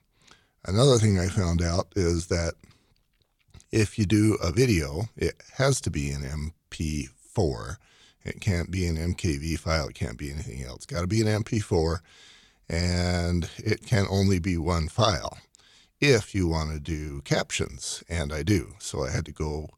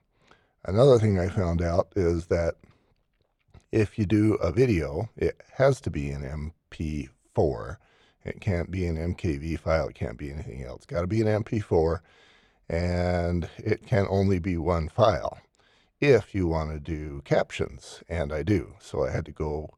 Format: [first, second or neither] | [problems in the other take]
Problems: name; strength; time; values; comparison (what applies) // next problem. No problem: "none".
first | muffled; very; fading above 3.5 kHz